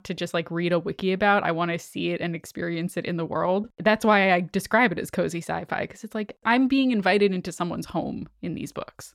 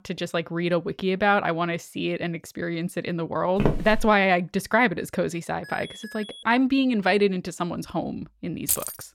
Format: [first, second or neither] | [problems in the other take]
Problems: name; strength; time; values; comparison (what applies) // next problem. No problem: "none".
first | footsteps; noticeable; at 3.5 s; peak 1 dB below the speech // alarm; faint; at 5.5 s; peak 15 dB below the speech // jangling keys; noticeable; at 8.5 s; peak level with the speech